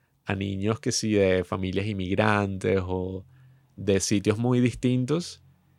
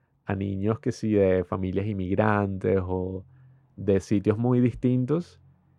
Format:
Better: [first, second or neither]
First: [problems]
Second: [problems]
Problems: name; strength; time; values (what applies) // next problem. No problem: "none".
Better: first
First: none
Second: muffled; very; fading above 2.5 kHz